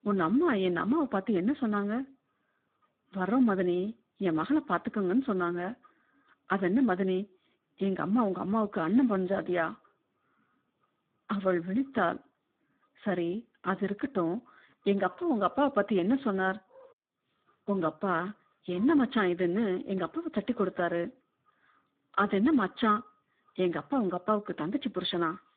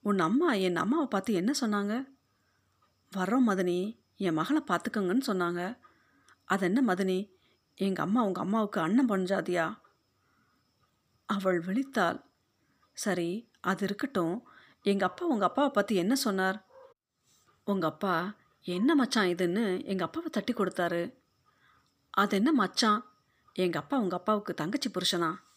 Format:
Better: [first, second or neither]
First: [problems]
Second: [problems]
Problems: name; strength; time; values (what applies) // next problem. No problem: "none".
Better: second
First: phone-call audio; poor line; nothing above 3.5 kHz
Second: none